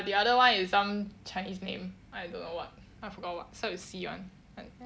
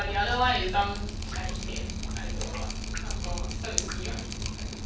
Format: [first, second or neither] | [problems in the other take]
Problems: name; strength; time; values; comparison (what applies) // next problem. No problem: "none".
first | background sound (Drip); 1 dB above the speech // room echo; dies away in 0.3 s